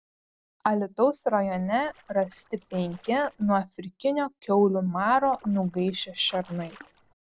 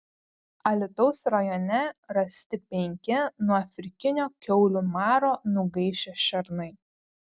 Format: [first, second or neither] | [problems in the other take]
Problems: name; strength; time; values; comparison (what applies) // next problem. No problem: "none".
second | noise reduction (neural separator model SepFormer DNS4)